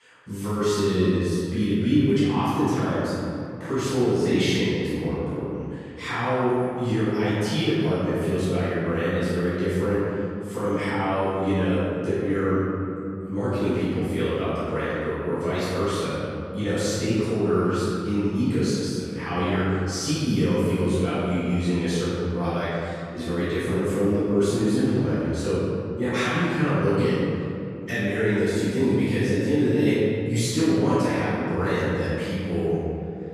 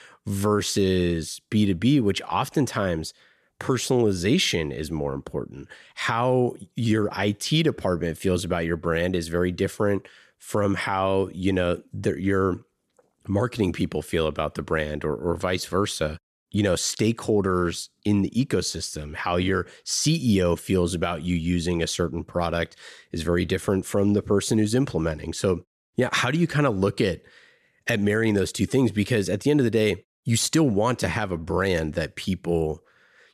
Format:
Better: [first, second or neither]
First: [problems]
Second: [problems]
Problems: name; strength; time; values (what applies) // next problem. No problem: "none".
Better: second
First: off-mic speech; far // room echo; strong; dies away in 2.6 s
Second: none